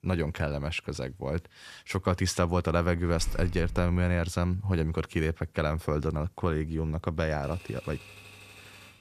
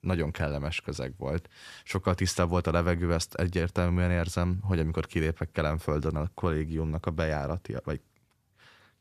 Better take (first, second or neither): second